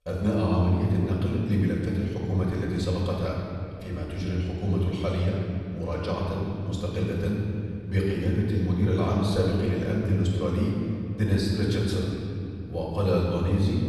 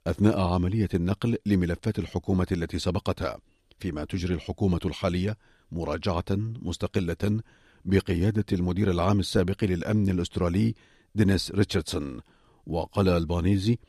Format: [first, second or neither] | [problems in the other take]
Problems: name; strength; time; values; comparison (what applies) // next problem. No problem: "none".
second | off-mic speech; far // room echo; noticeable; dies away in 3 s